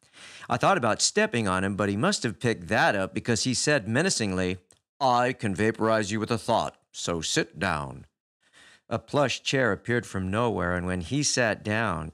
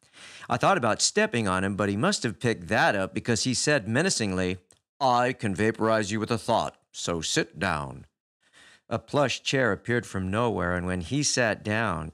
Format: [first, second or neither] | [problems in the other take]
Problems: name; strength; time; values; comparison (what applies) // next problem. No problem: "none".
neither | none